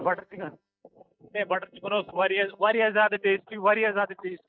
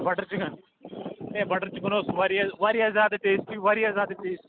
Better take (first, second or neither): second